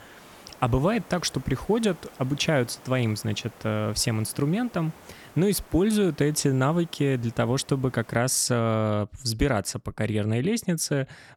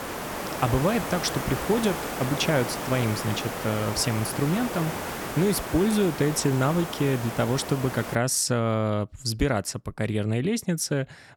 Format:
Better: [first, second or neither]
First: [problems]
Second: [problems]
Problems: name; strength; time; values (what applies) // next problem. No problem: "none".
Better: first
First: hiss; faint; until 8 s; 25 dB below the speech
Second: hiss; loud; until 8 s; 6 dB below the speech